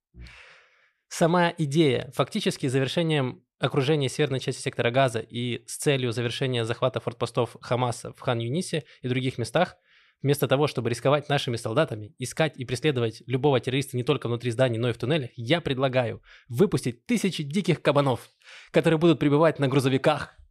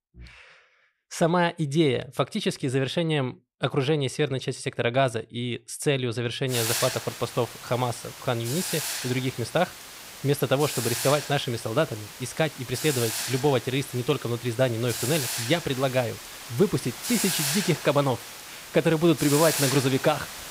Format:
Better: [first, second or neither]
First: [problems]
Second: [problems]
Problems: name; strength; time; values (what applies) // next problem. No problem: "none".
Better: first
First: none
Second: hiss; loud; from 6.5 s on; 5 dB below the speech